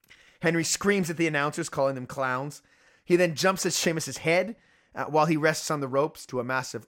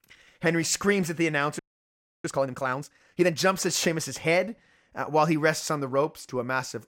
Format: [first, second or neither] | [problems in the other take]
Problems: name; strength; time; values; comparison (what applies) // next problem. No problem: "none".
first | audio freezing; at 1.5 s for 0.5 s